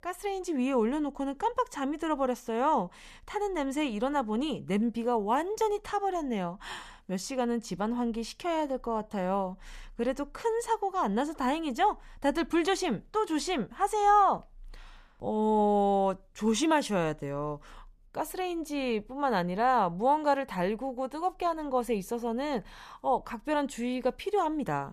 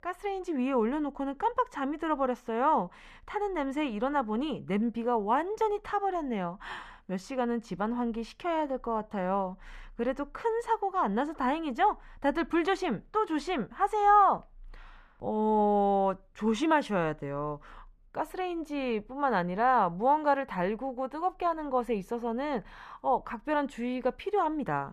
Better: first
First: none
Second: muffled; slightly; fading above 4 kHz

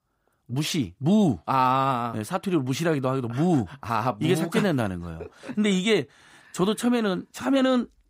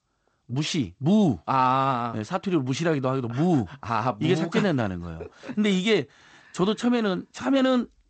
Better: first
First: none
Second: garbled, watery; slightly; nothing above 8 kHz

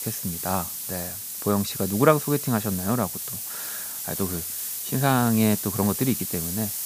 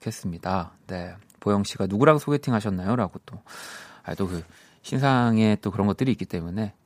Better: second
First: hiss; loud; throughout; 4 dB below the speech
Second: none

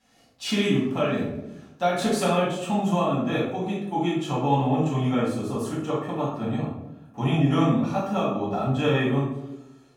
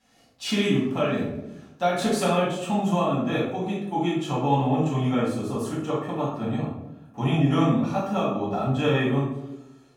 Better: neither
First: off-mic speech; far // room echo; noticeable; dies away in 0.7 s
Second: off-mic speech; far // room echo; noticeable; dies away in 0.7 s

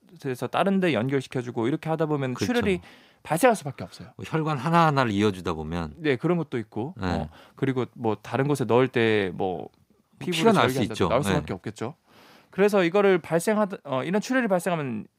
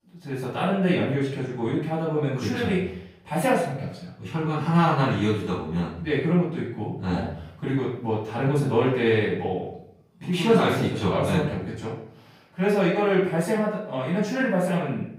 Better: first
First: none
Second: off-mic speech; far // room echo; noticeable; dies away in 0.6 s

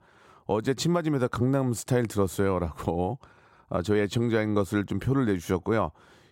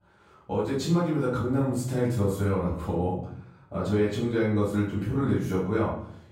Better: first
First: none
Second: room echo; noticeable; dies away in 0.6 s // off-mic speech; far

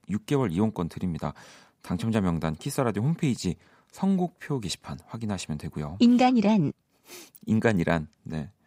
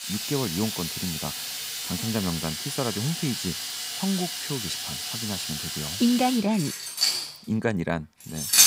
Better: first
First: none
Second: household noises; very loud; throughout; as loud as the speech

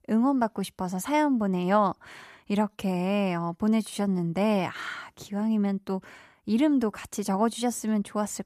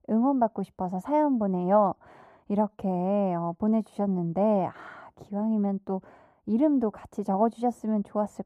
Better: first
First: none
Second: muffled; very; fading above 1.5 kHz

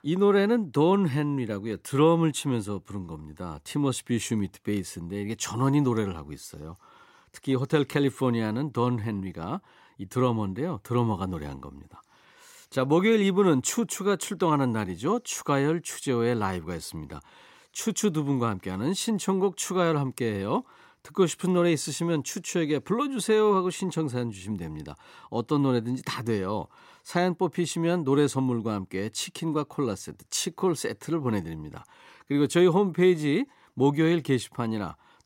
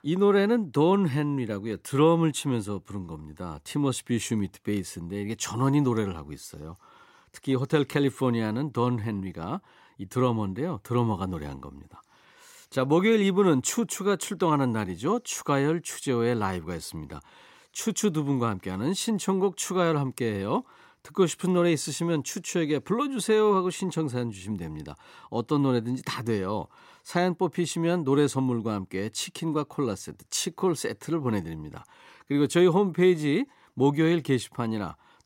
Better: neither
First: none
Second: none

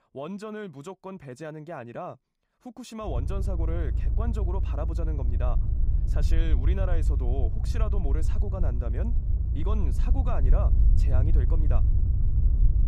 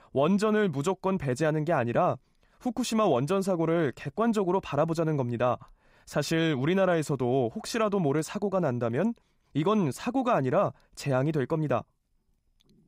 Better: second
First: low rumble; loud; from 3 s on; 6 dB below the speech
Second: none

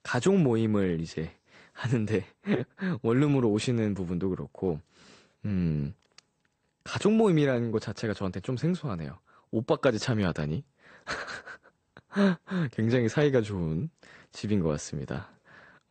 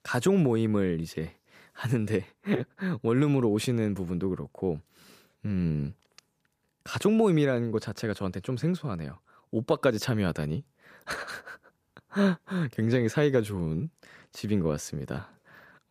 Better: second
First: garbled, watery; slightly; nothing above 8.5 kHz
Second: none

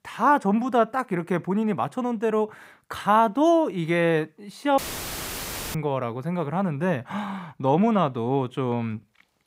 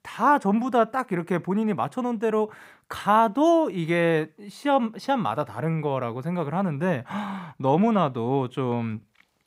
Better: second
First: audio cutting out; filled with static; at 5 s for 1 s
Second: none

